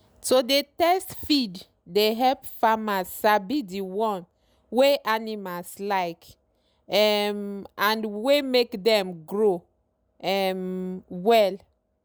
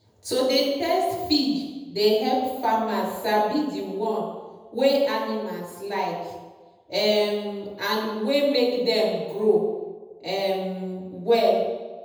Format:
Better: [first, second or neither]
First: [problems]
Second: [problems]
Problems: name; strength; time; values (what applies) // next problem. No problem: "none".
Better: first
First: none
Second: room echo; dies away in 1 s